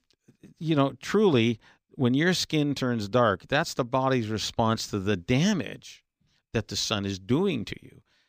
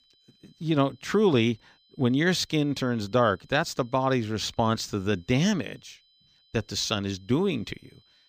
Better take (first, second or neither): first